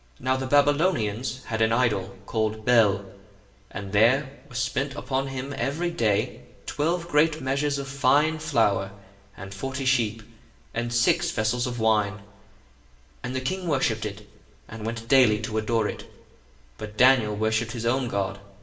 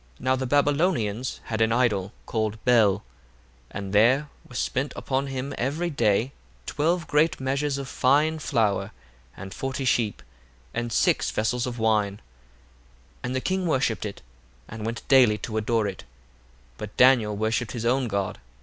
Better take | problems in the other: second | room echo; dies away in 0.7 s

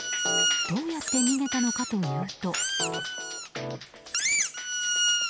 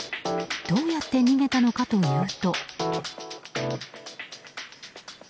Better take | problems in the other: second | background sound (Squeak); 3 dB above the speech

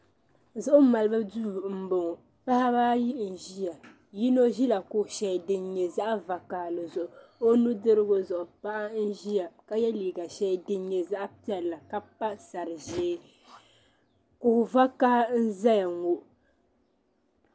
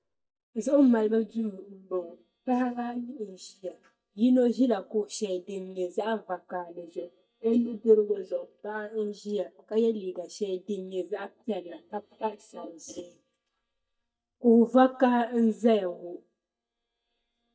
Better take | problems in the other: first | noise reduction (neural mask model DeepFilterNet 3)

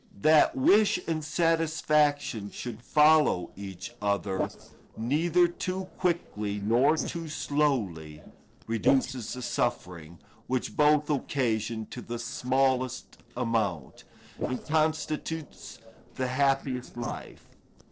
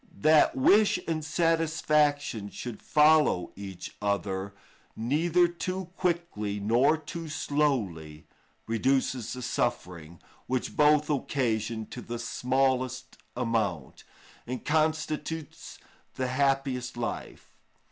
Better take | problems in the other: second | noise reduction (neural separator model SepFormer DNS4)

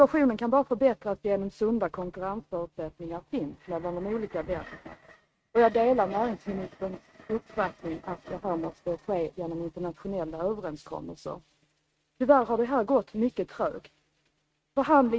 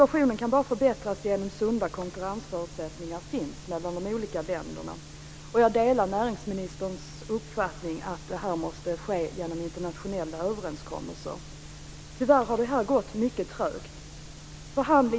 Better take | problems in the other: second | noise reduction (neural mask model RNNoise)

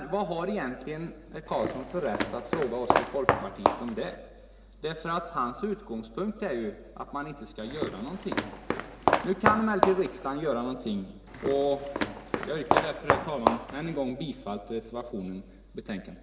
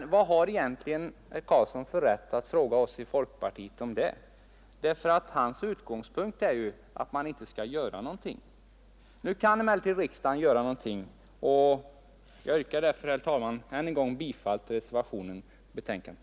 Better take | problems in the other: second | background sound (Walk, footsteps); 3 dB above the speech // room echo; dies away in 1.3 s

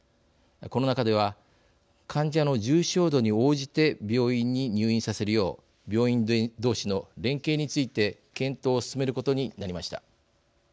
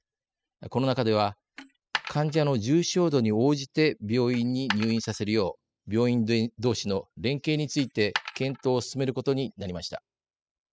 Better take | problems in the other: first | noise reduction (classical method spectral subtraction)

